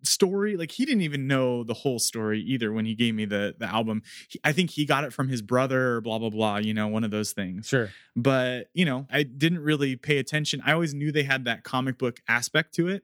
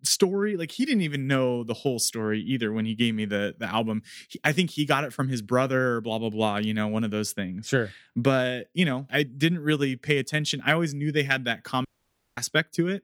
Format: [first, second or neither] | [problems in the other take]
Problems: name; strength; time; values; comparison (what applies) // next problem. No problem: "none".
first | audio cutting out; at 12 s for 0.5 s